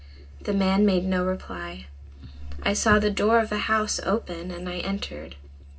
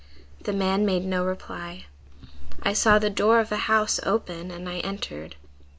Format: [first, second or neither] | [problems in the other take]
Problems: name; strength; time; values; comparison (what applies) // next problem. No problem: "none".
second | room echo; dies away in 0.4 s